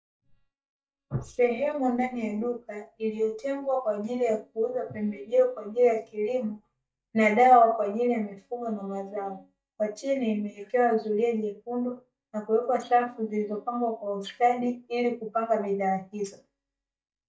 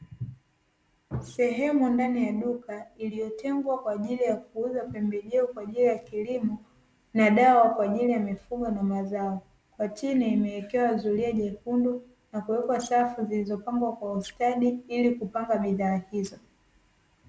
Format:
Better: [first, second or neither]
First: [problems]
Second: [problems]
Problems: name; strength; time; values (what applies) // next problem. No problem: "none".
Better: second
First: noise reduction (neural mask model DeepFilterNet 3)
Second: none